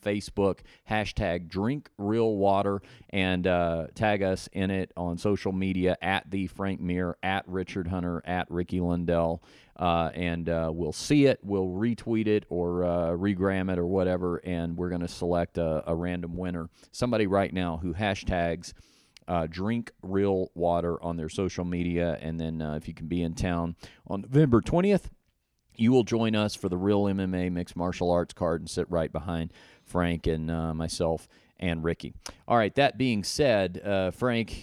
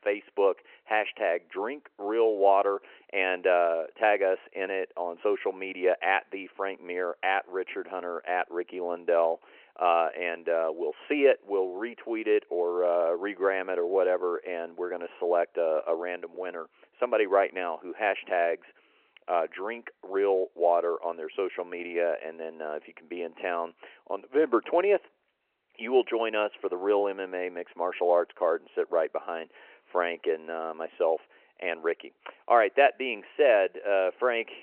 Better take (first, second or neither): first